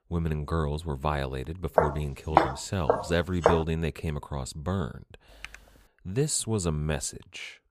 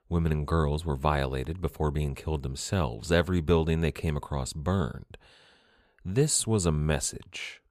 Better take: second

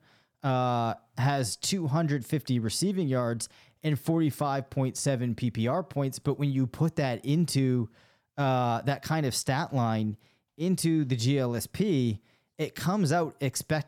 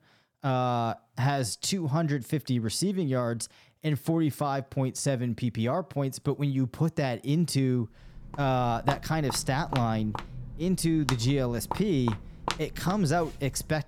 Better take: first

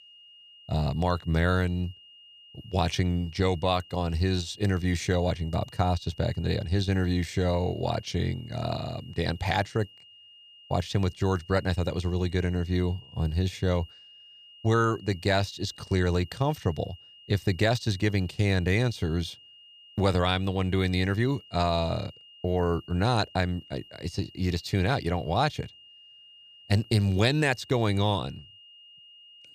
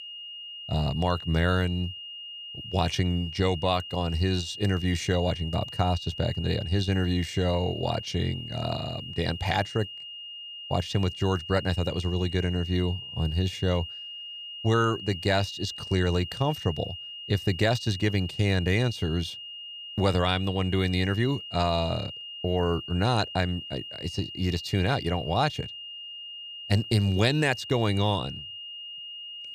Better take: first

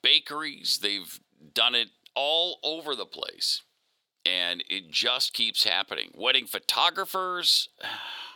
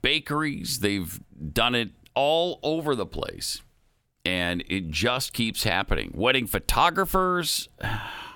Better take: second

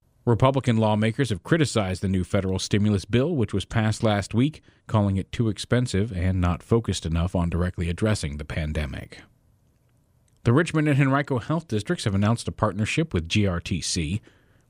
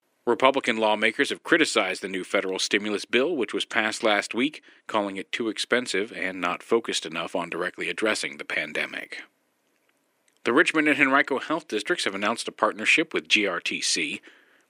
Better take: first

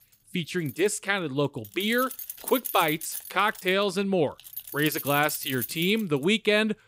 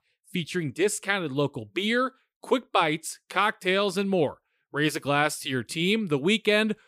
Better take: second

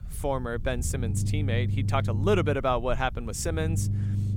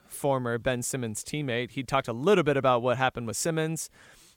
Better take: second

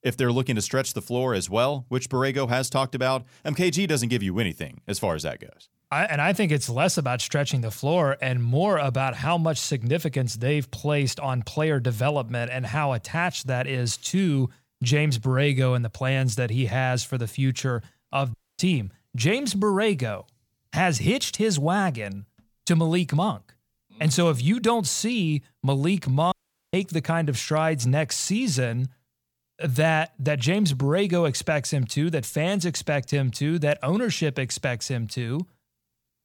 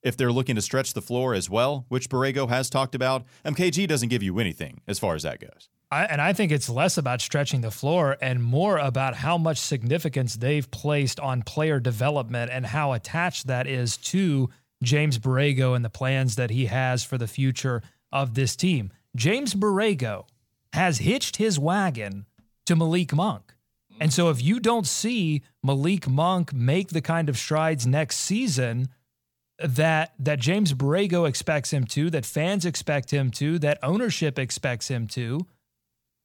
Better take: second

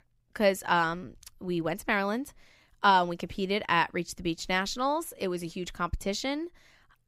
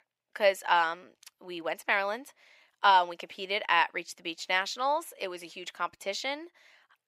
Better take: first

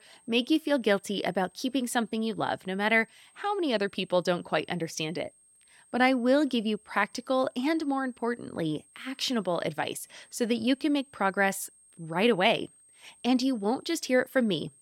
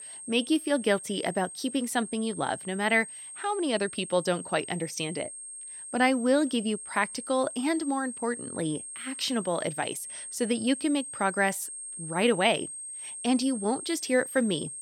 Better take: first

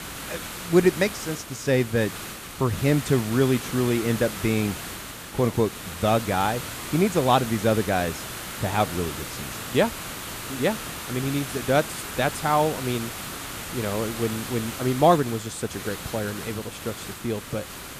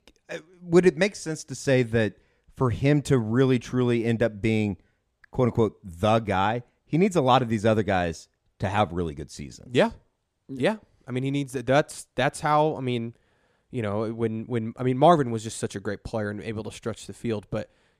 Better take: second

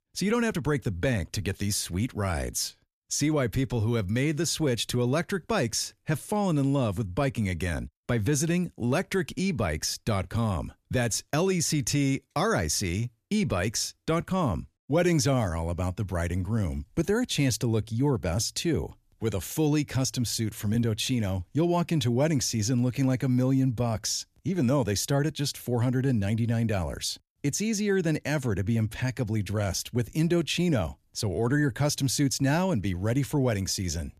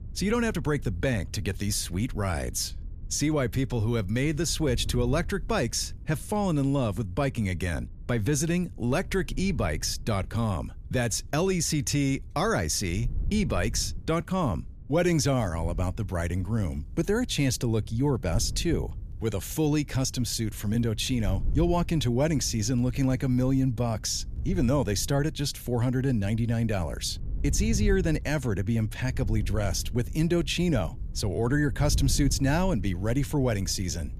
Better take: first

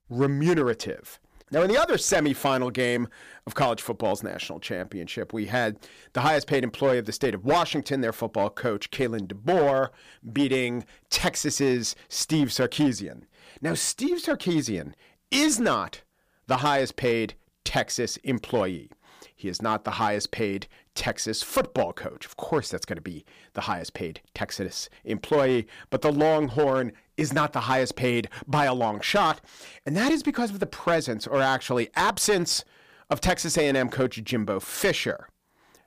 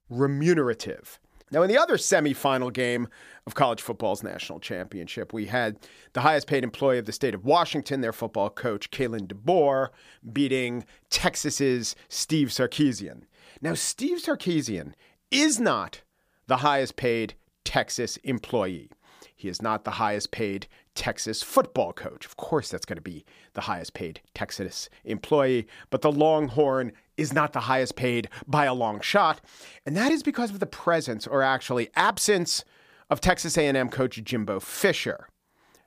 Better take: second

